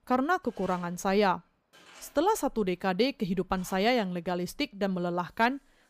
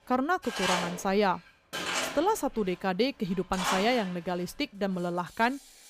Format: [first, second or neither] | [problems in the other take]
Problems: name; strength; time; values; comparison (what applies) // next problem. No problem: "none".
first | machinery noise; loud; throughout; 3 dB below the speech; faint in the first